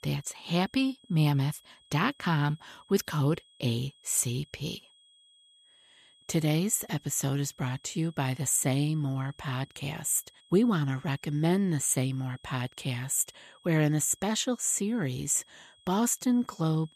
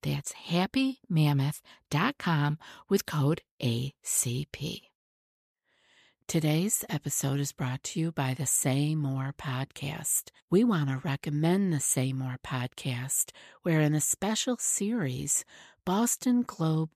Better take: second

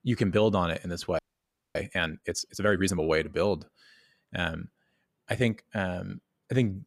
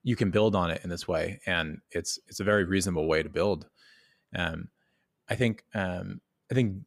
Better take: second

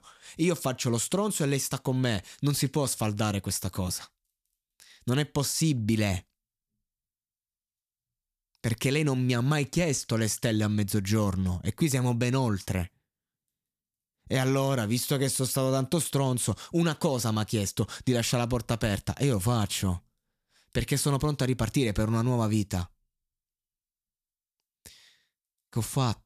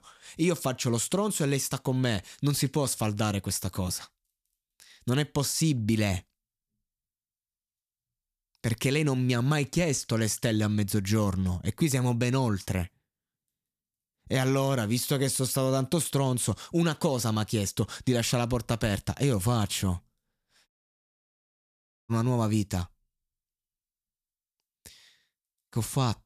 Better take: first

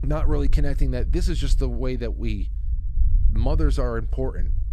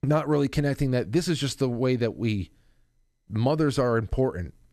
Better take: second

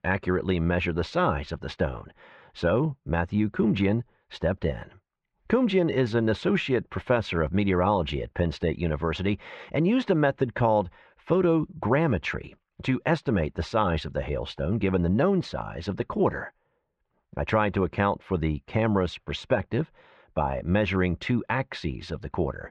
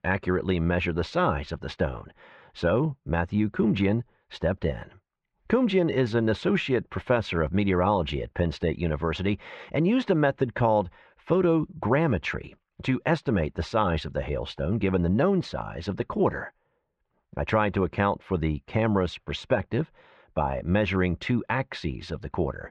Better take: neither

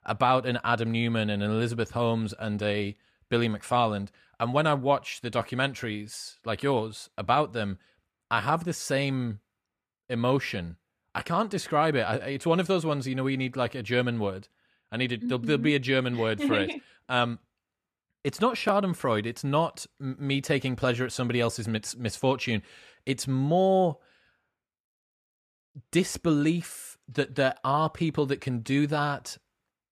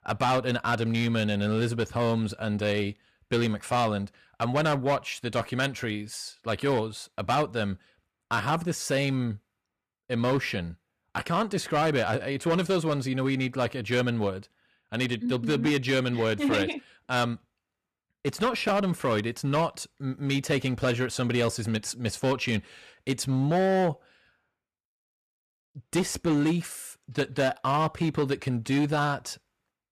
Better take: first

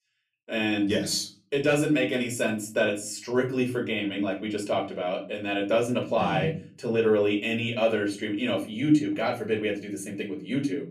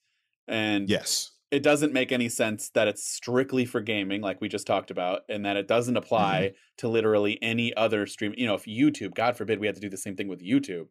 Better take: second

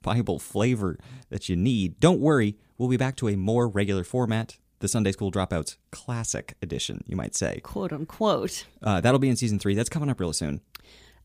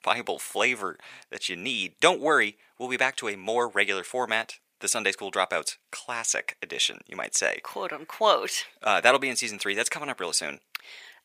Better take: first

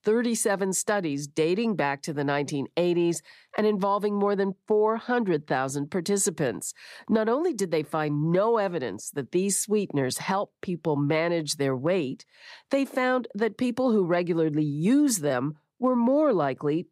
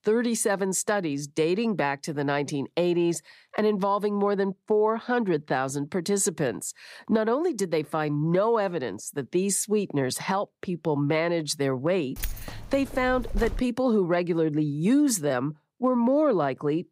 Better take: first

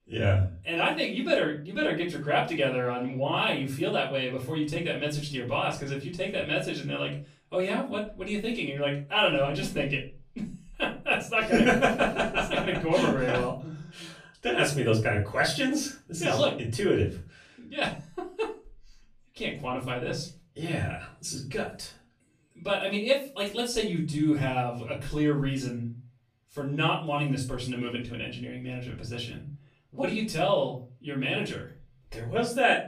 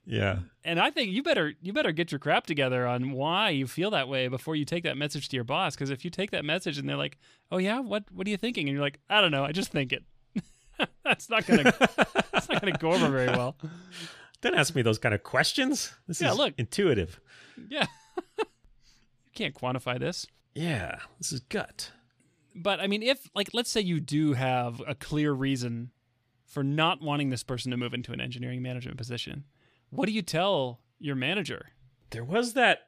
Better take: second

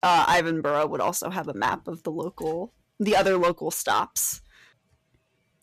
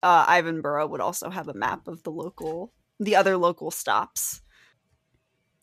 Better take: second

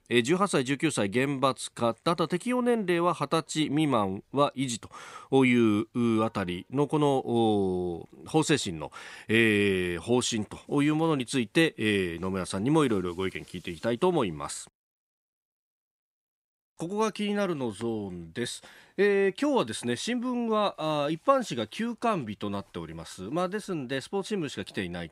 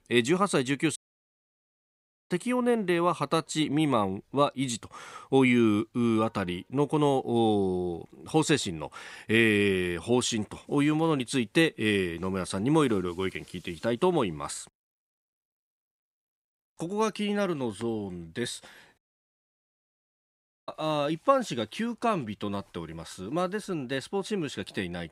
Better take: first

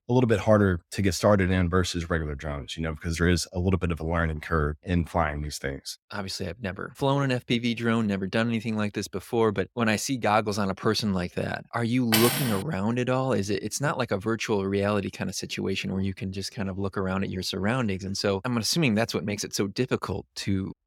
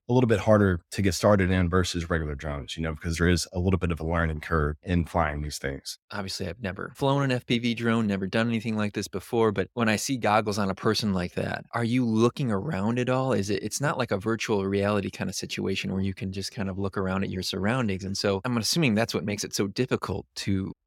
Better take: second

